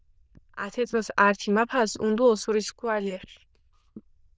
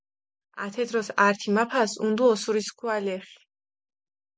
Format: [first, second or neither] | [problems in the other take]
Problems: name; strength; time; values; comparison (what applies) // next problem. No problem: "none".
second | noise reduction (neural diffusion model UNIVERSE++)